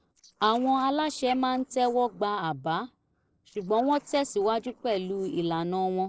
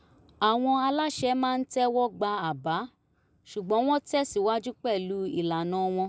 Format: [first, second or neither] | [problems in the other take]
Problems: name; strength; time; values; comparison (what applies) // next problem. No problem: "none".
second | noise reduction (neural separator model SepFormer DNS4)